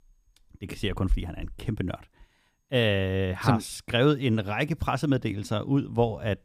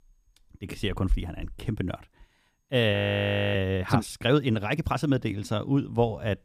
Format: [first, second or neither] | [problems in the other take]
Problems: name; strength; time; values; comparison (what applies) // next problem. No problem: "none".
first | audio freezing; at 3 s for 0.5 s